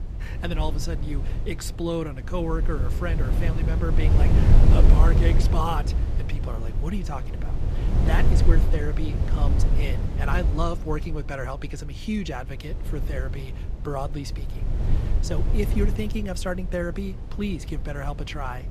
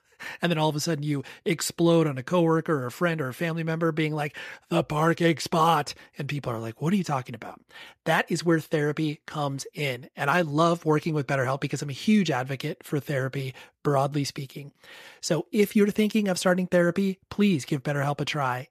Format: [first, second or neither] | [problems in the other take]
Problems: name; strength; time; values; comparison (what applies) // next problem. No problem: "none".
second | wind noise on the microphone; heavy; 5 dB below the speech